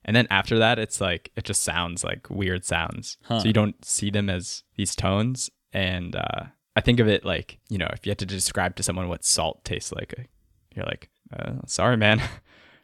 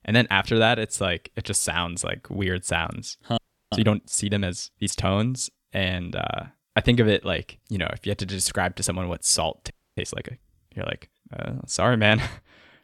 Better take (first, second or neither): first